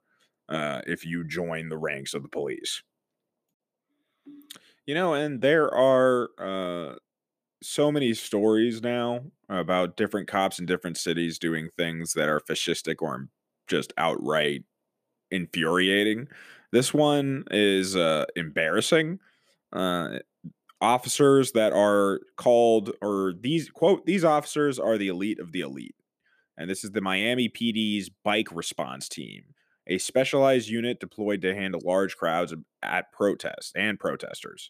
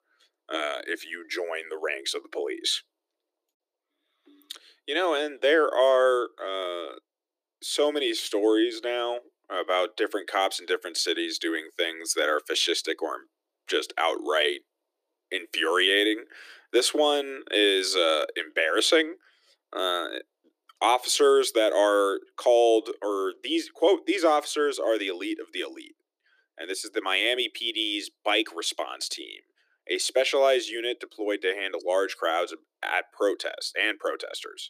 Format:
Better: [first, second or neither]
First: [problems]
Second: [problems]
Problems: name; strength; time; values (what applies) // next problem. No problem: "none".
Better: first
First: none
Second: thin; very; fading below 300 Hz